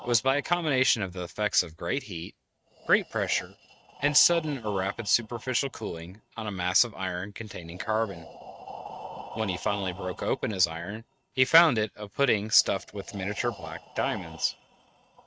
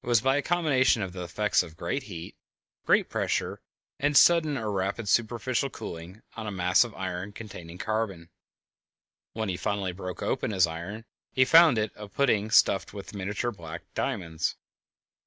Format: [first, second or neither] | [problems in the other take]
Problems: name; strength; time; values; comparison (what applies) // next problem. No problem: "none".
second | noise reduction (neural mask model RNNoise)